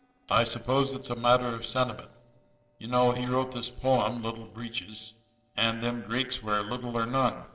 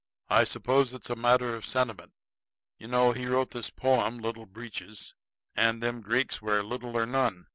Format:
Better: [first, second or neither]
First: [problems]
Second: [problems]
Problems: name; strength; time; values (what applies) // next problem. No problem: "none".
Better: second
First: noise reduction (neural separator model SepFormer DNS4)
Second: none